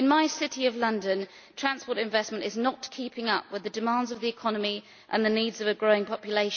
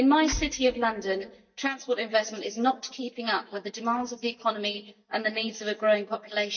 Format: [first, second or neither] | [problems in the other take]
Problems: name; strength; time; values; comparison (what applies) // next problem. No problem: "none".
first | noise reduction (neural mask model DeepFilterNet 3)